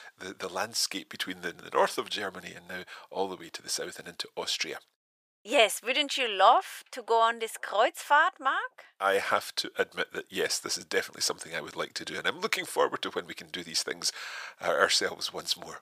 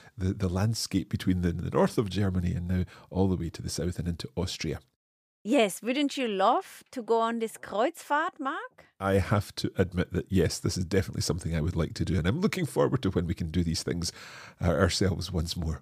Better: second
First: thin; very; fading below 750 Hz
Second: none

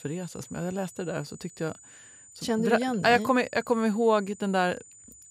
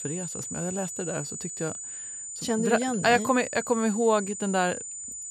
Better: first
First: high-pitched whine; faint; throughout; 7 kHz, 20 dB below the speech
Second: high-pitched whine; loud; throughout; 7 kHz, 7 dB below the speech

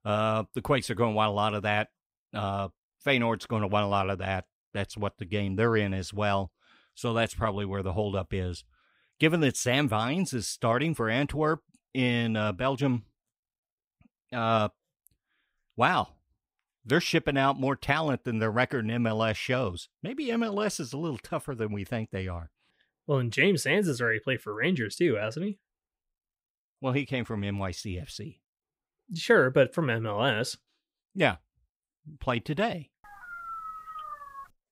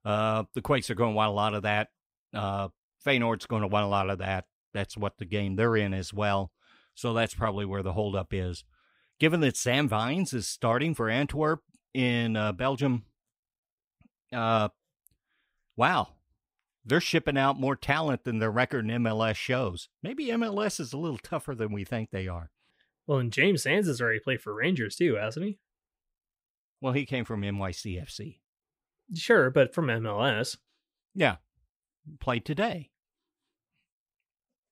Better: second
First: dog barking; noticeable; from 33 s on; peak 10 dB below the speech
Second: none

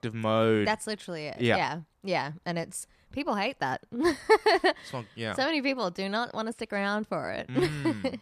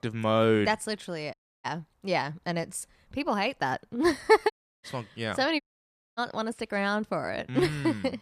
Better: first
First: none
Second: audio cutting out; at 1.5 s, at 4.5 s and at 5.5 s for 0.5 s

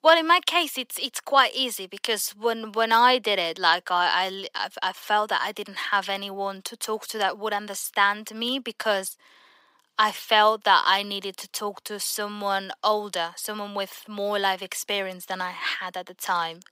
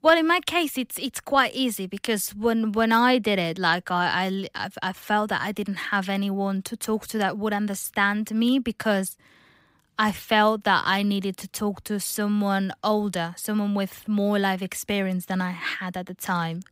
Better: second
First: thin; very; fading below 500 Hz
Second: none

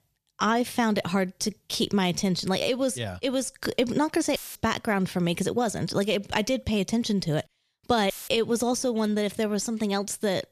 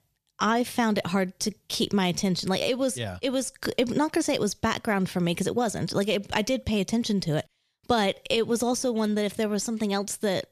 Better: second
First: audio cutting out; filled with static; at 4.5 s and at 8 s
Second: none

